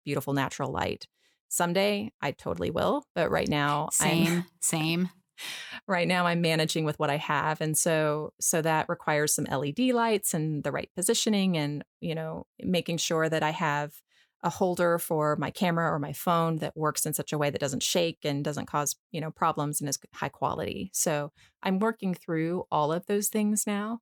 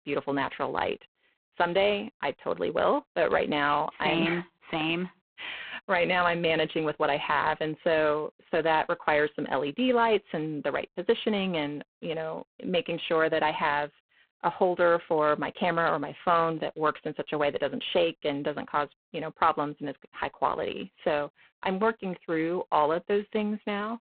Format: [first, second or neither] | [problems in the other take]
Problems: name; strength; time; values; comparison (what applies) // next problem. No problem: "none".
first | phone-call audio; poor line